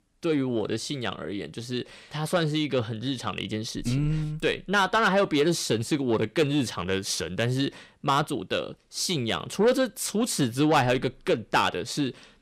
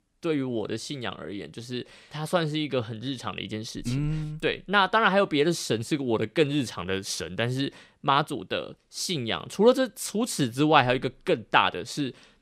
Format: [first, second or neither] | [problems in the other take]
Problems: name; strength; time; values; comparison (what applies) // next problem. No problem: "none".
second | distortion; slight; 10 dB below the speech